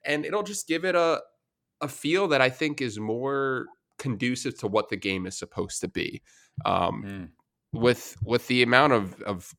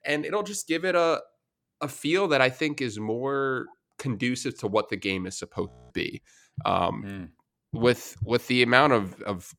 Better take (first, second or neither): first